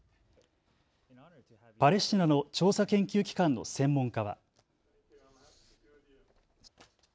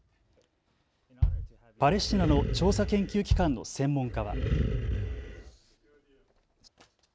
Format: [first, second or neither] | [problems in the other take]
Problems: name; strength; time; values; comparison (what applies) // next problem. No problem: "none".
first | background sound (Bass drum + Animal); 1 dB above the speech